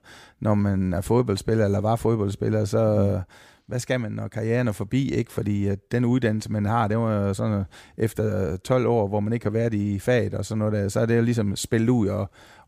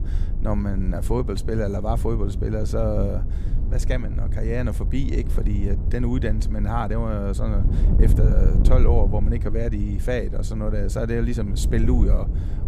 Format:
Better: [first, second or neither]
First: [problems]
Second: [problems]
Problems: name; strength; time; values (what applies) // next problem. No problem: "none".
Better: first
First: none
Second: wind noise on the microphone; heavy; 10 dB below the speech